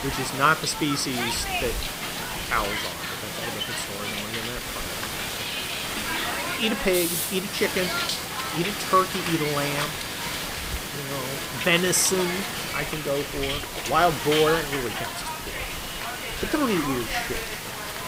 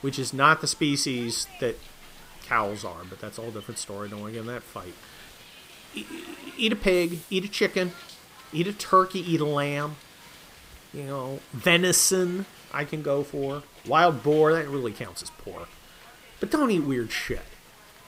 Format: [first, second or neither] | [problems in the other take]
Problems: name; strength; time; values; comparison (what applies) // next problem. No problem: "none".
second | hiss; loud; throughout; 2 dB below the speech; faint in the second